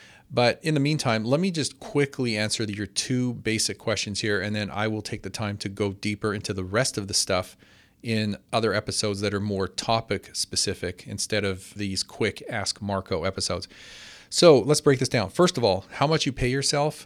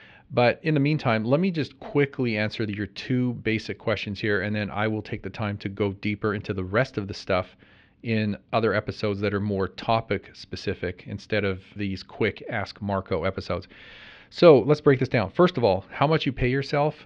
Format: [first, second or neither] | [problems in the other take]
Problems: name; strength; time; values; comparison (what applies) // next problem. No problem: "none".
first | muffled; slightly; fading above 3.5 kHz